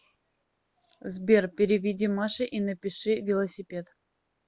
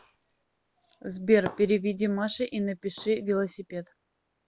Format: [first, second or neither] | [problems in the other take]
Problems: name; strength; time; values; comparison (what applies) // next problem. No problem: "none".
first | background sound (Shatter); 19 dB below the speech